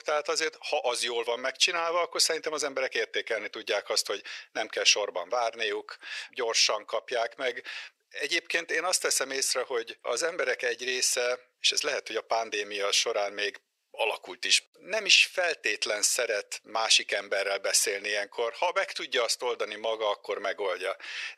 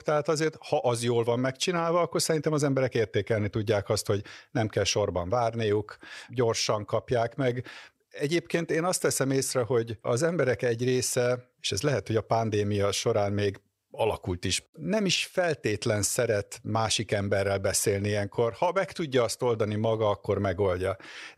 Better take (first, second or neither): second